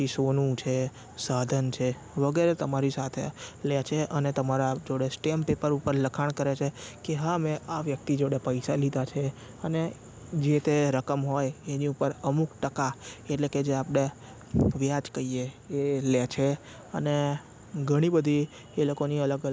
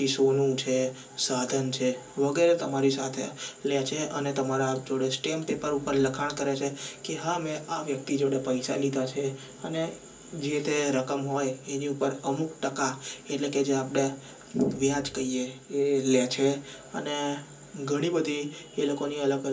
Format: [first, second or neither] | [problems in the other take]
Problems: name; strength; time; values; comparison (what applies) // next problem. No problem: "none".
first | room echo; dies away in 0.3 s